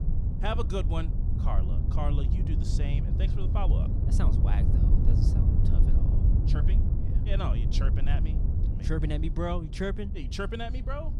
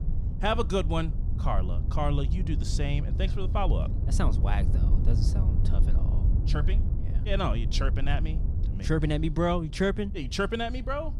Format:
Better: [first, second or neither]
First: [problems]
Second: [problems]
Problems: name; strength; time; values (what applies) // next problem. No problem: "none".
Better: second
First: wind noise on the microphone; heavy; 5 dB below the speech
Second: wind noise on the microphone; occasional gusts; 15 dB below the speech